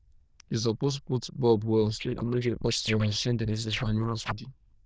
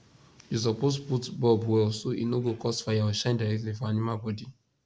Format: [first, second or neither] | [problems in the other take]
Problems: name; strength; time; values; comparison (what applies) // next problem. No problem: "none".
second | noise reduction (neural diffusion model UNIVERSE++)